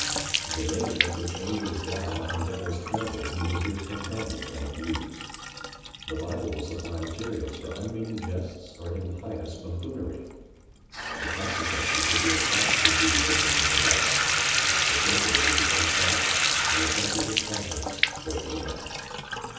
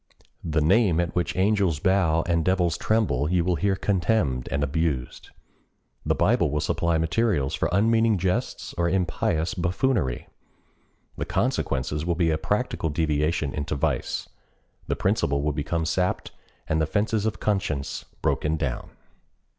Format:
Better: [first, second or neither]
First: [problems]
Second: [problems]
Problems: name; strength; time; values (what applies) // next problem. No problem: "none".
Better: second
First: background sound (Bathtub (filling or washing) / Water tap, faucet); 5 dB above the speech // room echo; dies away in 1.1 s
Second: none